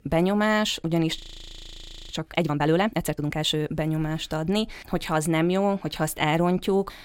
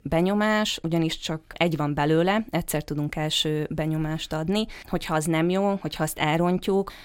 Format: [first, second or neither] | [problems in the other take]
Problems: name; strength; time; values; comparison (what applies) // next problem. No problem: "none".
second | audio freezing; at 1 s for 1 s